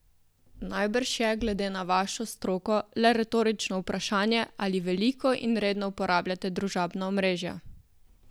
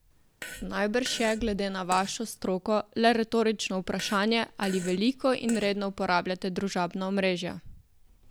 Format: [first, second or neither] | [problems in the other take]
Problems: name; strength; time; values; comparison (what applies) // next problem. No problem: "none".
first | background sound (Fart); 17 dB below the speech